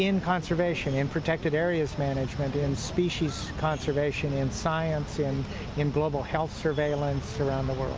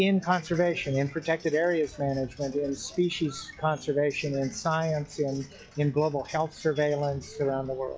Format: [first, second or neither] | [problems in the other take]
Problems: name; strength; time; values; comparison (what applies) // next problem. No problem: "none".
first | noise reduction (classical method log-MMSE)